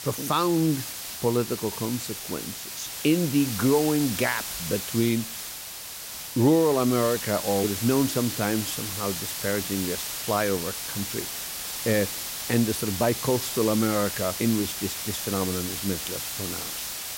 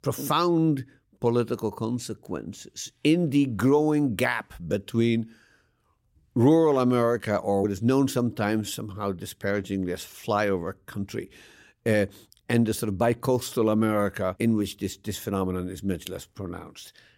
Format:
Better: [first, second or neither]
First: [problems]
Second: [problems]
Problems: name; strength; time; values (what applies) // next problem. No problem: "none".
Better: second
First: hiss; loud; throughout; 5 dB below the speech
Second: none